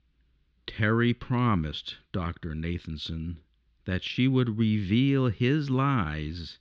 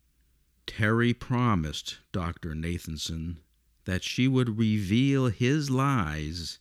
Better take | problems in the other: second | muffled; very slightly; fading above 3.5 kHz

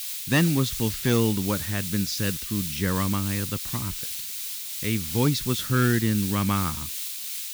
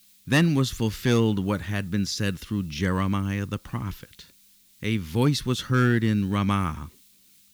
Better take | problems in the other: second | hiss; loud; throughout; 4 dB below the speech; faint in the second

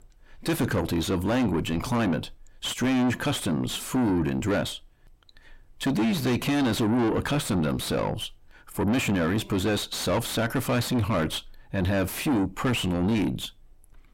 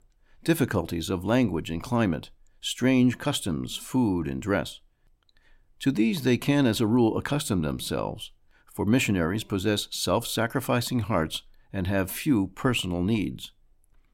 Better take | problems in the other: second | distortion; heavy; 5 dB below the speech

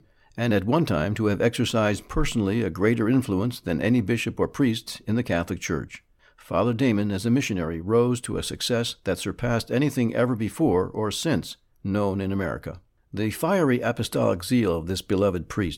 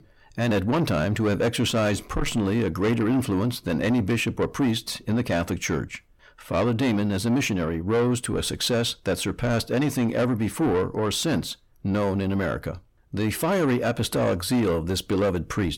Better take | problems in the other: first | distortion; slight; 10 dB below the speech

